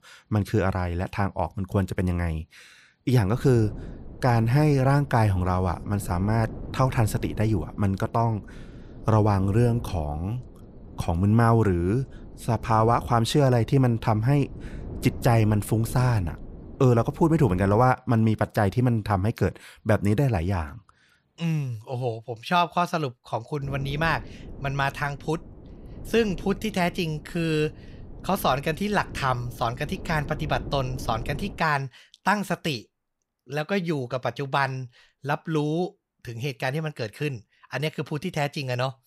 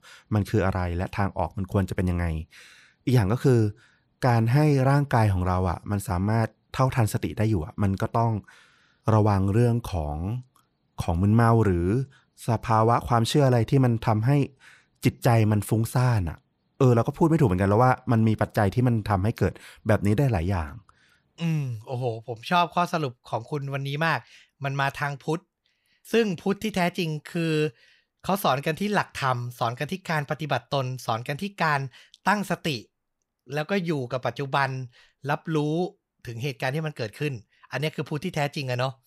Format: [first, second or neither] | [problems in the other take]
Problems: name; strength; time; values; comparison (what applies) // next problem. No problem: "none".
second | wind noise on the microphone; occasional gusts; from 3.5 to 18 s and from 24 to 32 s; 20 dB below the speech